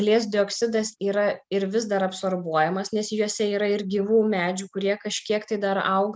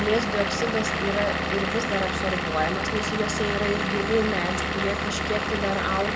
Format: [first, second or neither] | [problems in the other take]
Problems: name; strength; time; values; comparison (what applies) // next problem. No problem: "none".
first | background sound (Engine / Vehicle); 1 dB above the speech